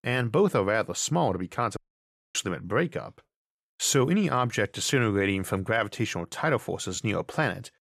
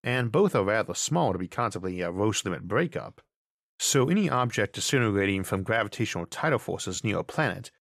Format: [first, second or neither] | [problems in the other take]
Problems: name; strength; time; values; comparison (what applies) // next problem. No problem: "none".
second | audio cutting out; at 2 s for 0.5 s